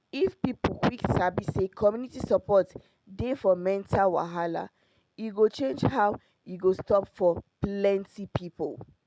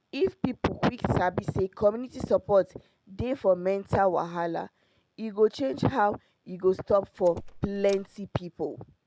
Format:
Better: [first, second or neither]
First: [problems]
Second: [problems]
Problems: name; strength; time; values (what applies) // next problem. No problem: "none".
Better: first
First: none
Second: background sound (Door); 19 dB below the speech